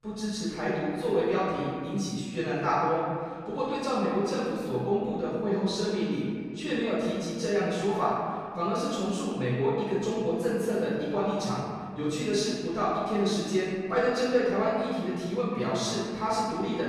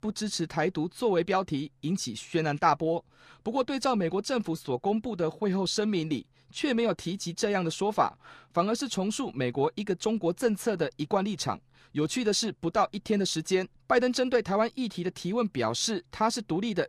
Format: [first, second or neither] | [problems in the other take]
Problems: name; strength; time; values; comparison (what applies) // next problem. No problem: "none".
second | room echo; strong; dies away in 2.1 s // off-mic speech; far